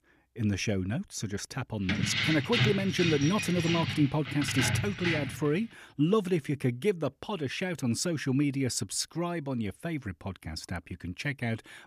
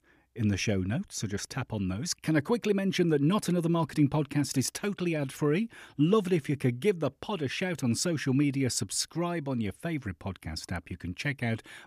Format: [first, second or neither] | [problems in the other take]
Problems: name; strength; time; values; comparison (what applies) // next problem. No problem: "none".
second | jangling keys; loud; from 2 to 5.5 s; peak 3 dB above the speech